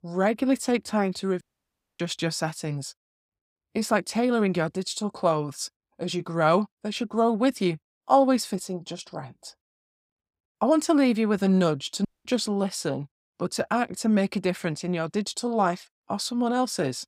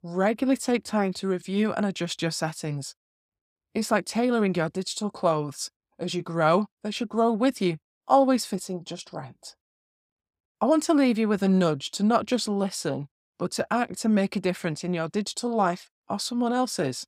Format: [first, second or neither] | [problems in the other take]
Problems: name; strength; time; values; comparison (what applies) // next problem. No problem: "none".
second | audio cutting out; at 1.5 s for 0.5 s and at 12 s